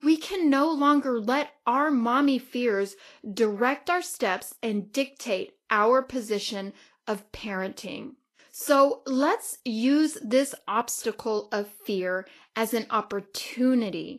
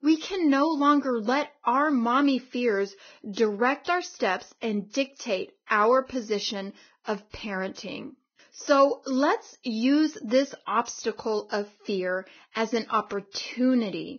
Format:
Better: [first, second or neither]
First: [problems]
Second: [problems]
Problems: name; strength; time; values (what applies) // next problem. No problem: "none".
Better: first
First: garbled, watery; slightly; nothing above 12.5 kHz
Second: garbled, watery; badly; nothing above 6.5 kHz